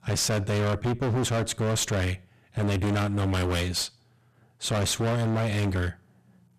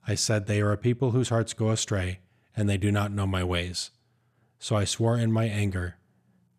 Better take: second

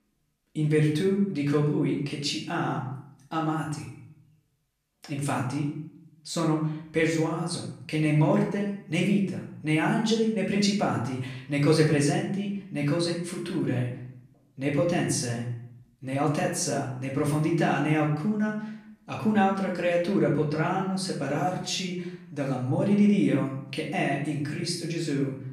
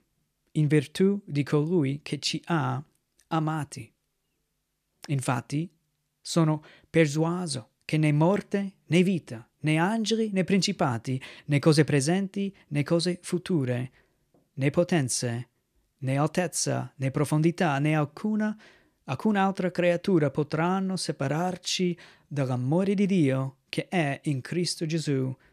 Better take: second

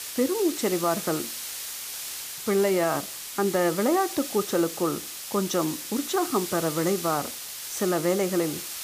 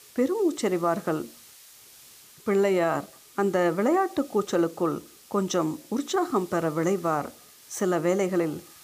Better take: second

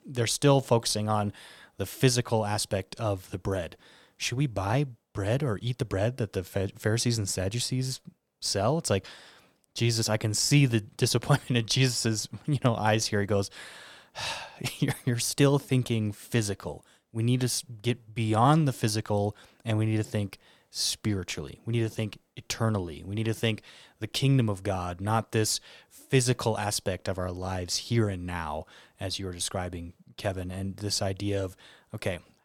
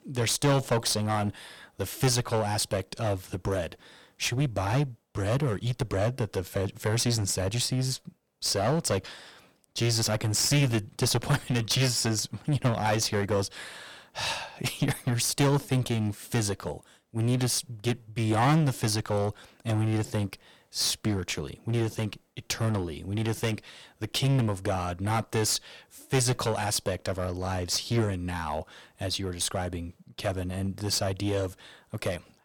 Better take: first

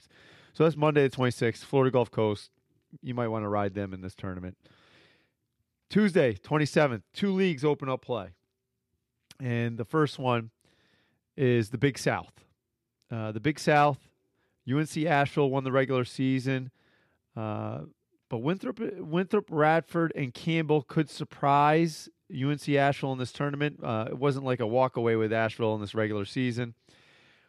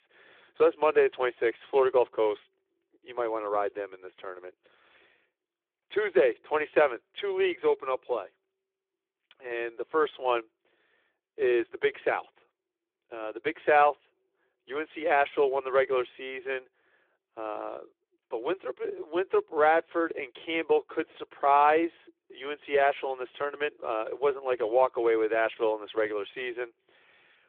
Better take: first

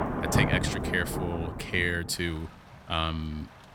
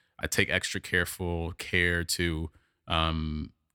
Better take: second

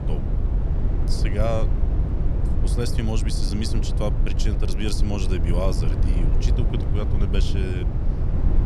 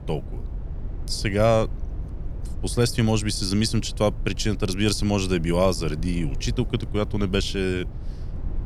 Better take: second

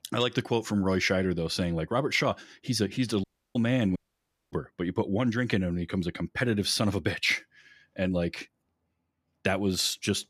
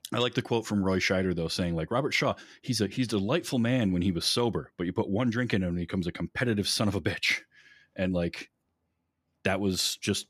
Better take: second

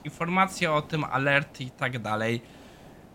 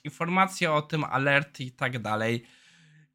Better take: second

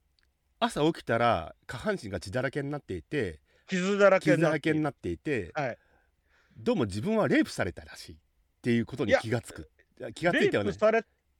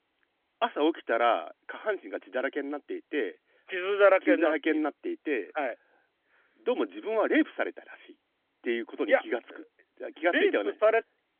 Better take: first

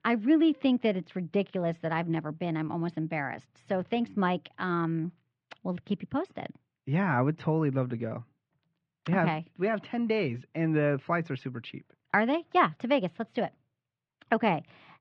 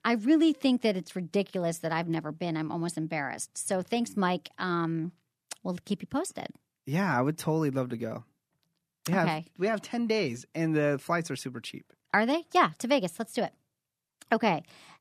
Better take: second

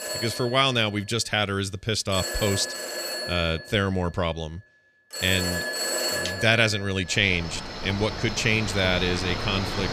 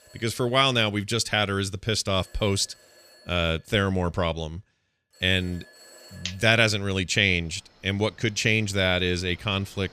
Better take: second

